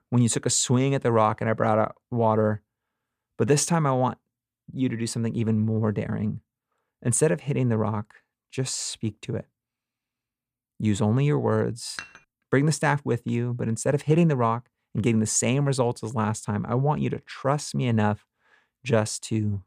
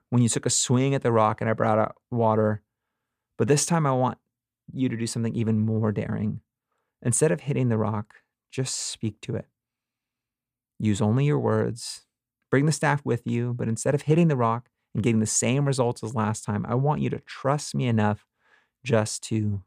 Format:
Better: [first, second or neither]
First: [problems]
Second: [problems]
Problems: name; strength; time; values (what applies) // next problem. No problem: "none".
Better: second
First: clattering dishes; faint; at 12 s; peak 15 dB below the speech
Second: none